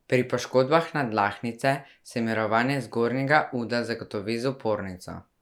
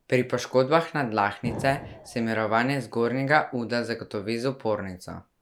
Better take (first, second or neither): first